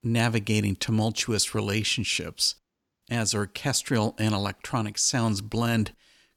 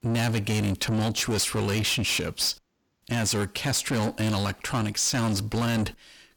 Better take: first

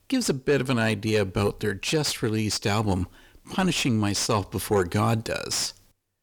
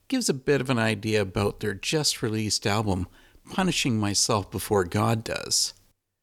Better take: second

